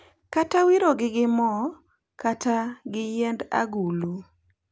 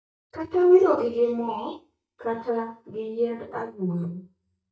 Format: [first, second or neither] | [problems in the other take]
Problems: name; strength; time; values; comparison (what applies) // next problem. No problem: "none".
first | noise reduction (neural mask model DeepFilterNet 3)